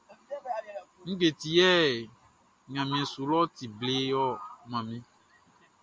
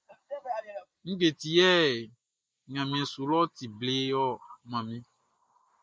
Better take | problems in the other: first | noise reduction (neural mask model Resemble Enhance denoiser)

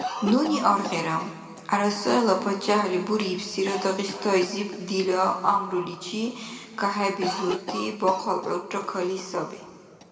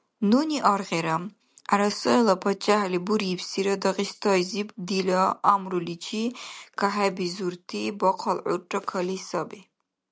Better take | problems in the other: second | background sound (Cough); 13 dB below the speech // room echo; dies away in 2 s

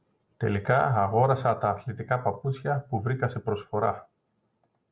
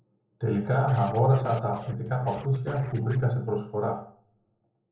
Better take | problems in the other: first | noise reduction (neural separator model SepFormer DNS4)

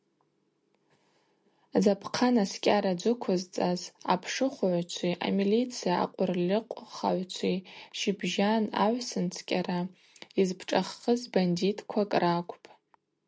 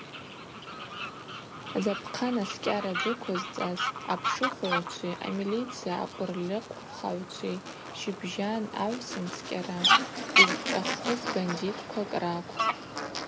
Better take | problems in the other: first | background sound (Fowl); 1 dB above the speech

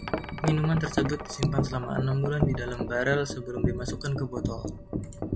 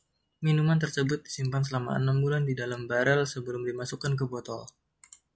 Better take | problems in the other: second | background sound (Wind chime); 2 dB below the speech

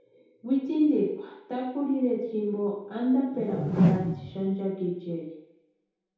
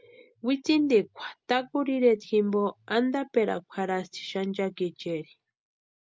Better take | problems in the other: second | background sound (Whoosh, swoosh, swish); 3 dB above the speech // room echo; dies away in 0.8 s

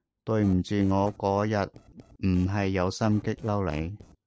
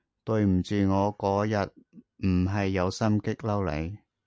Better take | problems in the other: second | noise reduction (neural separator model SepFormer DNS4)

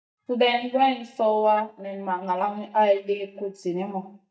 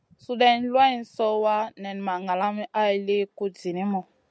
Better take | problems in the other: second | noise reduction (neural mask model DeepFilterNet 3)

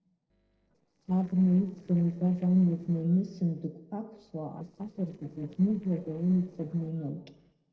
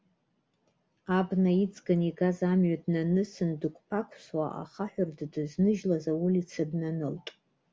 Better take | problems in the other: second | noise reduction (neural separator model SepFormer DNS4)

